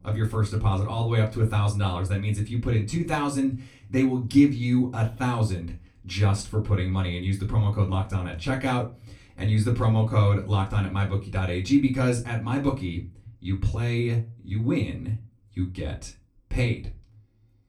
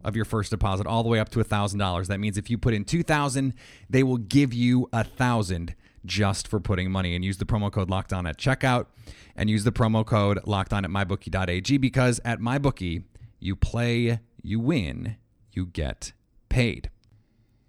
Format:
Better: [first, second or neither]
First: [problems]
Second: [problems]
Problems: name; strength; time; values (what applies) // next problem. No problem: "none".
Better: second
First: off-mic speech; far // room echo; very slight; dies away in 0.2 s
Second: none